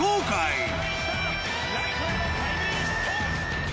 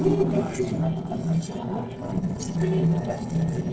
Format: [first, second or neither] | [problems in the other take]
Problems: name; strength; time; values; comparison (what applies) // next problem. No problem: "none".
first | noise reduction (neural separator model SepFormer DNS4)